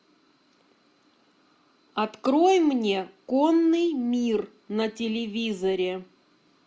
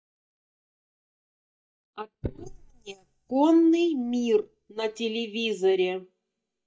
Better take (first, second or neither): first